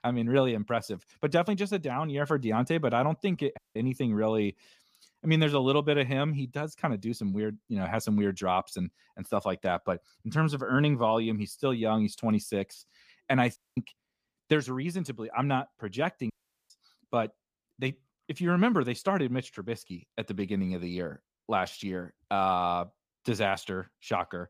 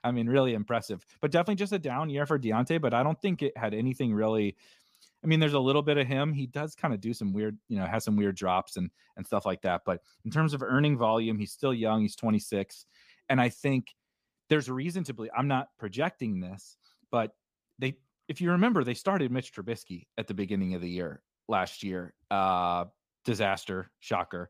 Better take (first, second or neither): second